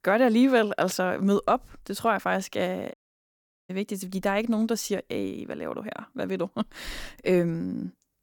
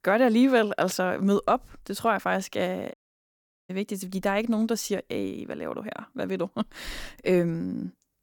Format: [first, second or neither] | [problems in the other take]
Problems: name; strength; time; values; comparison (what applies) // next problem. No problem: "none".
neither | audio cutting out; at 3 s for 1 s; the same in both